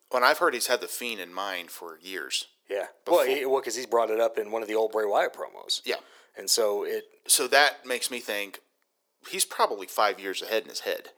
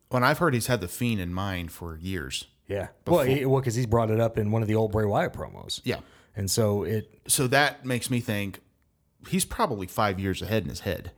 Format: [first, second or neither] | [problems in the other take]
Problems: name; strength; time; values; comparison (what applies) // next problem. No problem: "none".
second | thin; very; fading below 400 Hz